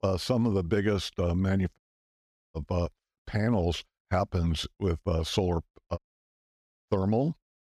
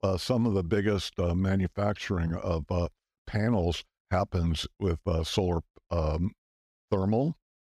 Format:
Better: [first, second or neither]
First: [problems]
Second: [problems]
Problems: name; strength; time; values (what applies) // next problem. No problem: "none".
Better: second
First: audio cutting out; at 2 s for 1 s and at 6 s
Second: none